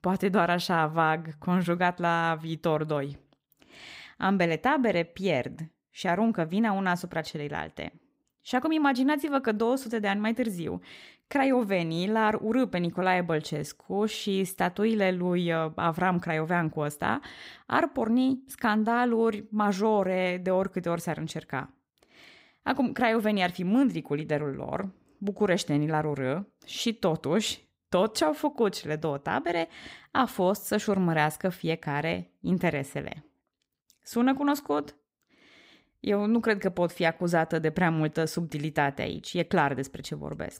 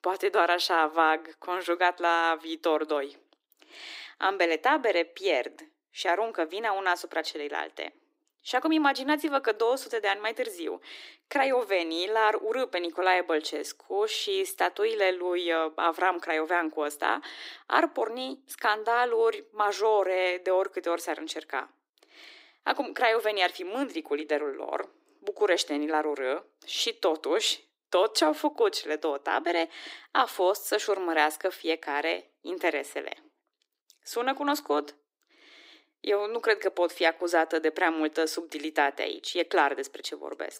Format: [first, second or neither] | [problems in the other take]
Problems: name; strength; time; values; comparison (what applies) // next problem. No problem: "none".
first | thin; very; fading below 300 Hz